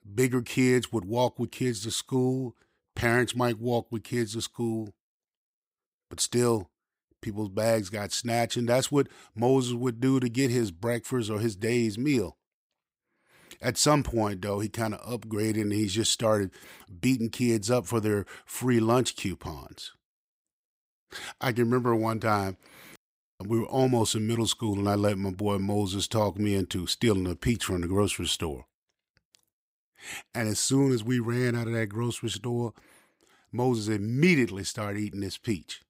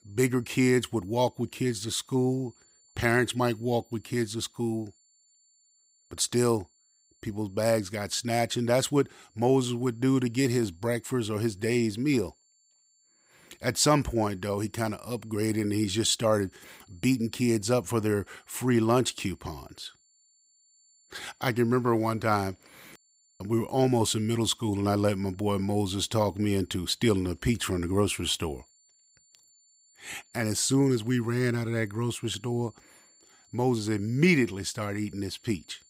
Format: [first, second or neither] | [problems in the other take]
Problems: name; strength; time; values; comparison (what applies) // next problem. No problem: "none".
first | high-pitched whine; faint; throughout; 7 kHz, 35 dB below the speech